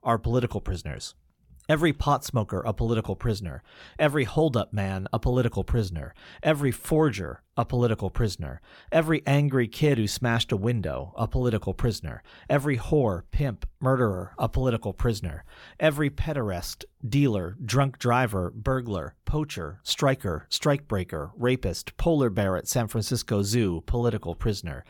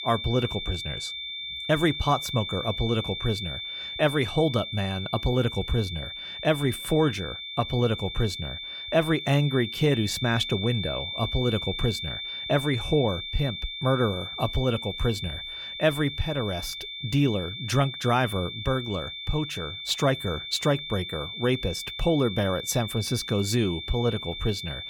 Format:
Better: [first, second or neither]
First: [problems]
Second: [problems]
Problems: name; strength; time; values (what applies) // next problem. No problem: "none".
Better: first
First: none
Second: high-pitched whine; loud; throughout; 3.5 kHz, 6 dB below the speech